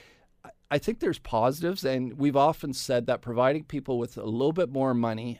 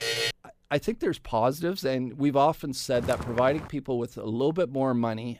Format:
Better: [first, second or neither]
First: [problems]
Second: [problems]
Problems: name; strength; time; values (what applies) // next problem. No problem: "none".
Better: first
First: none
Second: alarm; loud; at the start; peak level with the speech // footsteps; noticeable; at 3 s; peak 8 dB below the speech